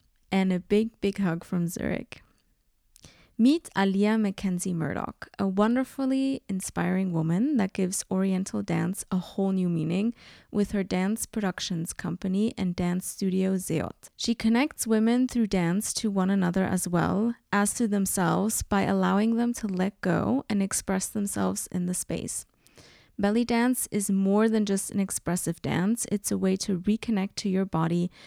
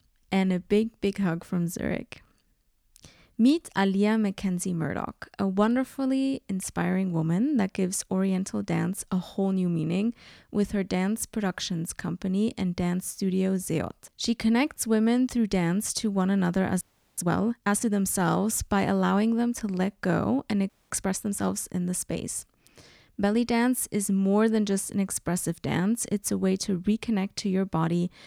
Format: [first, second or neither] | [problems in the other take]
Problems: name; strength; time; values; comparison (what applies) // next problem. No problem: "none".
first | audio freezing; at 17 s and at 21 s